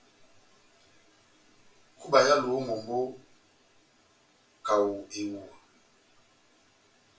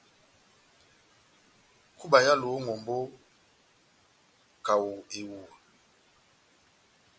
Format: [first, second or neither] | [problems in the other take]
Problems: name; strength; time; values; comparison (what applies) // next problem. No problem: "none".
second | room echo; dies away in 0.3 s